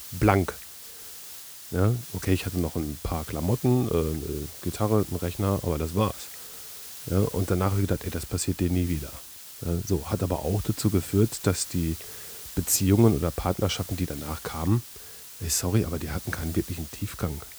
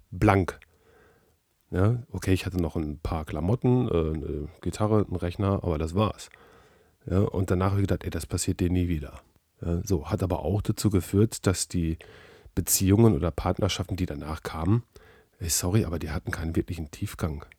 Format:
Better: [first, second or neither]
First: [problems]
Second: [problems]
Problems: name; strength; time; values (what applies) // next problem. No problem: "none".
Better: second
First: hiss; noticeable; throughout; 10 dB below the speech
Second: none